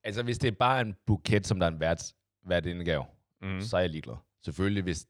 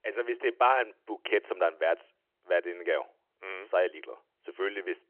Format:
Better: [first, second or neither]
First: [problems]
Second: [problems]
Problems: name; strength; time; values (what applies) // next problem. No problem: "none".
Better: first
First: none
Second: phone-call audio